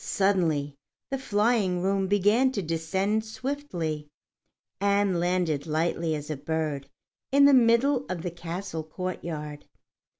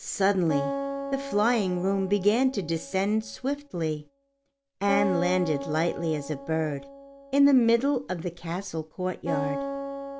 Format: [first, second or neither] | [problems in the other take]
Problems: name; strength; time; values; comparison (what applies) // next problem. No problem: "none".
first | background sound (Acoustic guitar); 9 dB below the speech